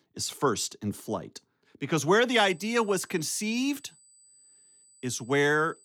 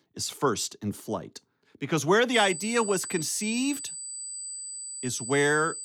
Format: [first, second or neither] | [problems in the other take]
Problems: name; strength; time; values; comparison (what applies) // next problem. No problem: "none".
first | high-pitched whine; loud; from 2.5 s on; 8 kHz, 8 dB below the speech; faint in the first